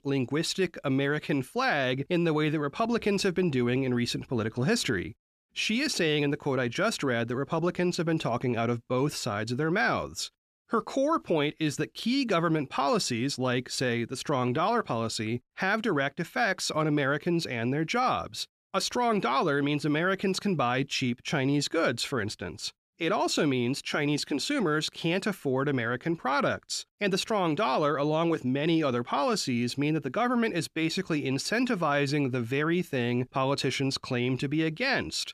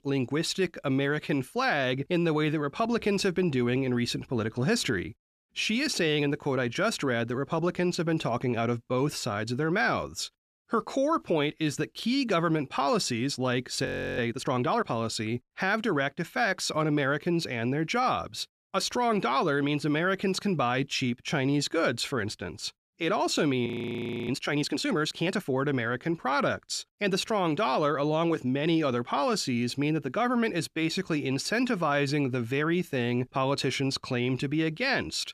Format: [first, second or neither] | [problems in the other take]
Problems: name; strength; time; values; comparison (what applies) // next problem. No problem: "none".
first | audio freezing; at 14 s and at 24 s for 0.5 s